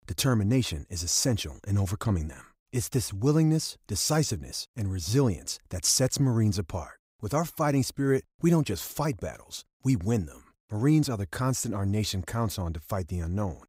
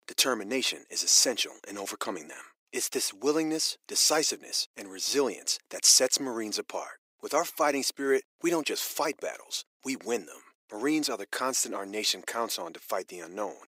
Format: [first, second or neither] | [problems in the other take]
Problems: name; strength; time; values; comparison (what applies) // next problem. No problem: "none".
first | thin; very; fading below 350 Hz